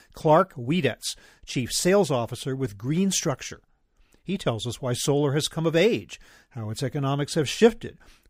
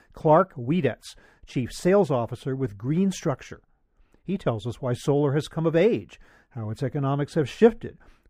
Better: first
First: none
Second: muffled; slightly; fading above 2.5 kHz

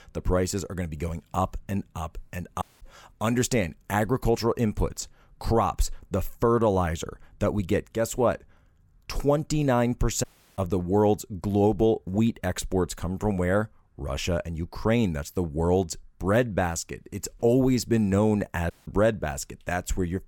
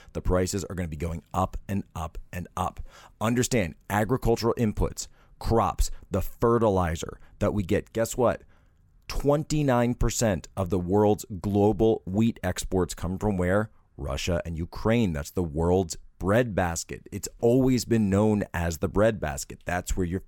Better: second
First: audio cutting out; at 2.5 s, at 10 s and at 19 s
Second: none

